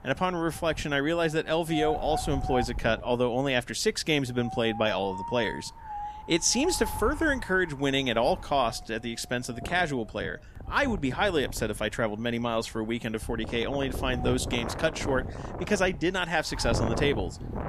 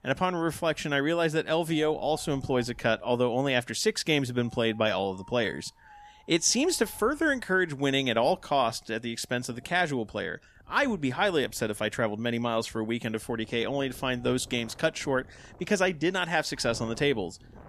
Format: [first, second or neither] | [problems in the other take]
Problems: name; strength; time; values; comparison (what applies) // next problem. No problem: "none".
second | wind noise on the microphone; heavy; 10 dB below the speech; occasional gusts in the second